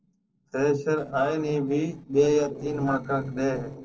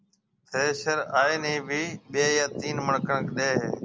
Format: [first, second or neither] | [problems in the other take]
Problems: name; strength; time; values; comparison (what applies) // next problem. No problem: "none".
second | noise reduction (neural separator model SepFormer DNS4)